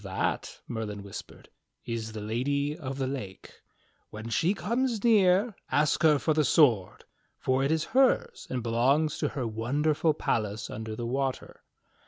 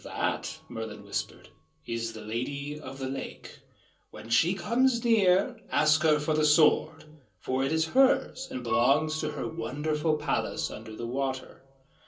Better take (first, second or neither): first